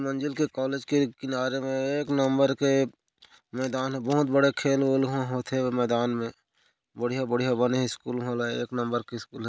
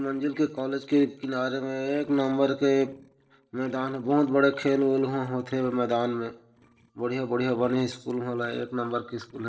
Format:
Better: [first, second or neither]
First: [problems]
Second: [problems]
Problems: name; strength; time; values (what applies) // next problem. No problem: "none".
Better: first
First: none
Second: noise reduction (neural separator model SepFormer DNS4)